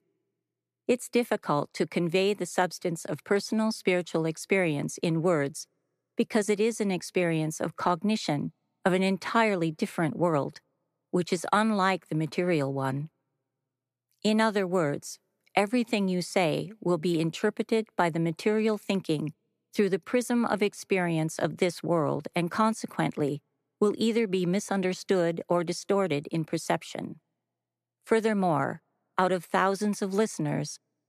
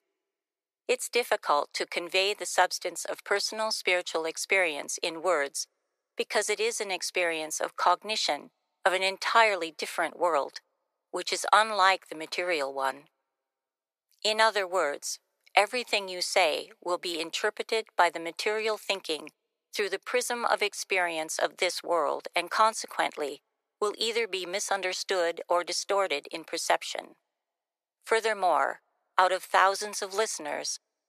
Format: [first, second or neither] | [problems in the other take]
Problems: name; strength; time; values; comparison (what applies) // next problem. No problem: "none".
first | thin; very; fading below 550 Hz